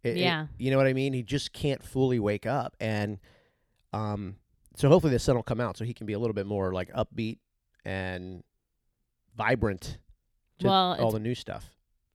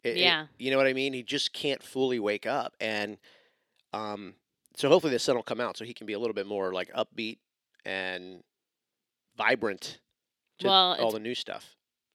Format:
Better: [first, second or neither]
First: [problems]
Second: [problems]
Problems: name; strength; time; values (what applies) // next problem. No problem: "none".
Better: first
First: none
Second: thin; somewhat; fading below 300 Hz